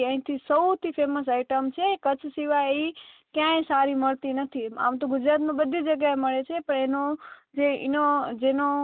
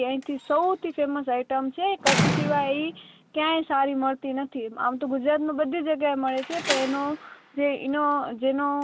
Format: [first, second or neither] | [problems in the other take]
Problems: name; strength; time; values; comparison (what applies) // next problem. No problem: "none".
first | background sound (Slam); 8 dB below the speech